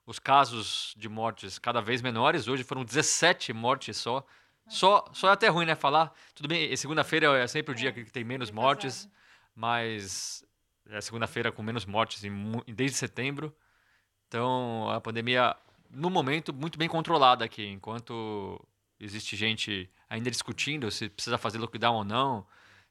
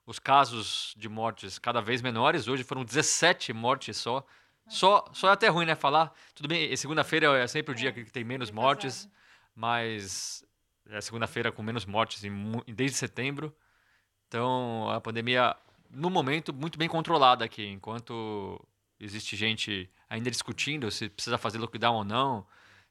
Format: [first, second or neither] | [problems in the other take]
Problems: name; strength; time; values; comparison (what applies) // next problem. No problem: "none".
neither | none